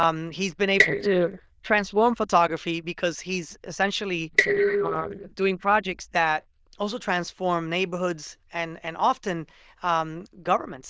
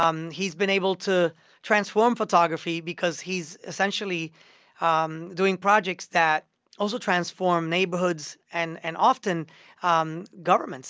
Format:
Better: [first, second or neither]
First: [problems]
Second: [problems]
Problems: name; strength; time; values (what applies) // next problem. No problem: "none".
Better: second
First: noise reduction (neural diffusion model UNIVERSE++)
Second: none